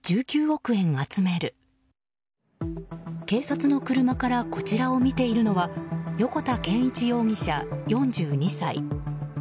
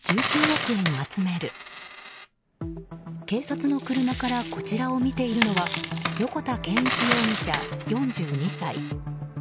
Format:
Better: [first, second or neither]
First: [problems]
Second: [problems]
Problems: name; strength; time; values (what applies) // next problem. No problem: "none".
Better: first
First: none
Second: background sound (Coin (dropping)); 5 dB below the speech